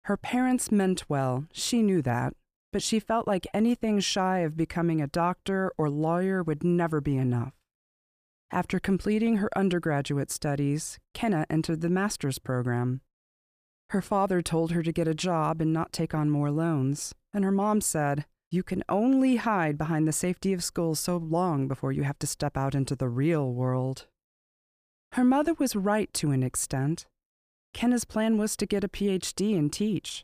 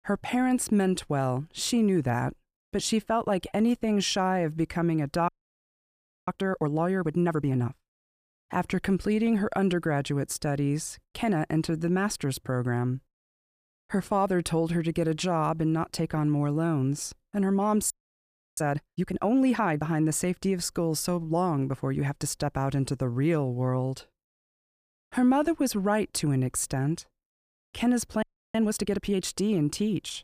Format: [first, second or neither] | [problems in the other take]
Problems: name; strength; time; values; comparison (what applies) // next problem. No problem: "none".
first | audio freezing; at 5.5 s for 1 s, at 18 s for 0.5 s and at 28 s